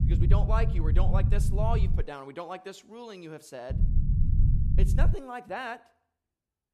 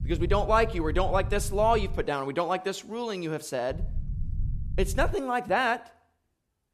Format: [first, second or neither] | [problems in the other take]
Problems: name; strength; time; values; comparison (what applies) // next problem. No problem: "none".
second | low rumble; loud; until 2 s and from 3.5 to 5 s; 6 dB below the speech; faint in the second